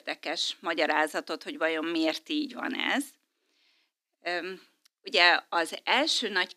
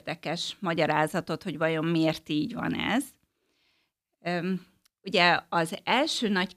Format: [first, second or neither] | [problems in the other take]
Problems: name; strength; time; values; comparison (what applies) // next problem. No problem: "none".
second | thin; very slightly; fading below 250 Hz